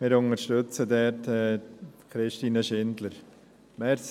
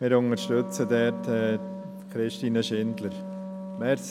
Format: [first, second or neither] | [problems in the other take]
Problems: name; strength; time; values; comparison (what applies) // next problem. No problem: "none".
first | background sound (Wind instrument, woodwind instrument); 10 dB below the speech